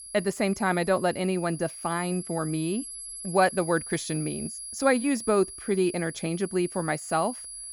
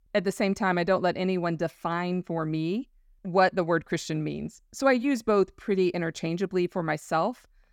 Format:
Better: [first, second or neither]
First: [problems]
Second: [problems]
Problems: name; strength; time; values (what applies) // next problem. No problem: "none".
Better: second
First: high-pitched whine; noticeable; throughout; 10.5 kHz, 10 dB below the speech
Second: none